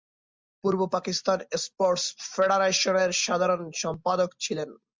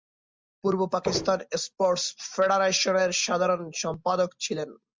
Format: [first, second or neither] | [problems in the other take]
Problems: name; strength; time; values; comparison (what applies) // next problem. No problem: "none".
first | background sound (Walk, footsteps); 3 dB below the speech